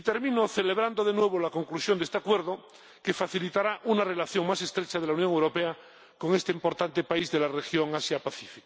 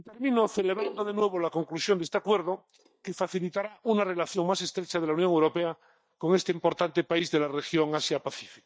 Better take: first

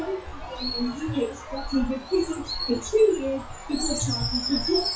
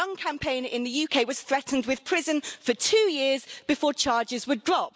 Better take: second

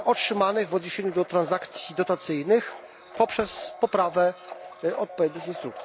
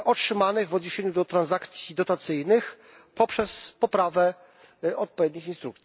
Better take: second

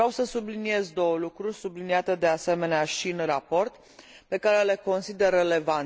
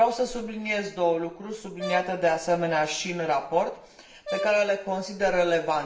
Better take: first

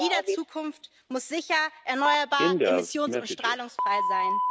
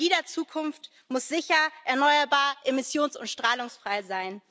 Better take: second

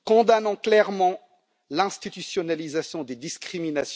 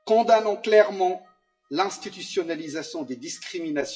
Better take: first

